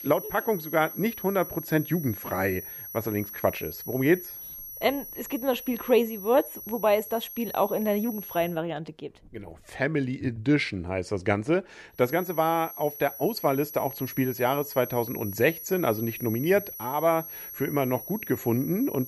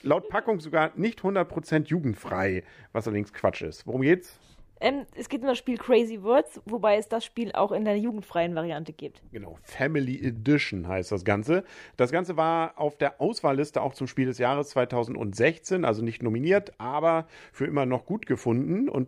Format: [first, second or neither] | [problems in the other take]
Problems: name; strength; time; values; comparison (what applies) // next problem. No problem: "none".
second | high-pitched whine; noticeable; until 8.5 s and from 12 s on; 11.5 kHz, 10 dB below the speech